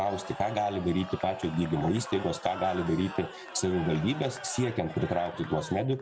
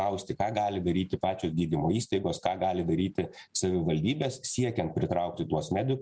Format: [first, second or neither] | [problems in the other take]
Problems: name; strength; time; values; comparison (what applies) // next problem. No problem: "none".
second | background sound (Crowd / Cheering); 13 dB below the speech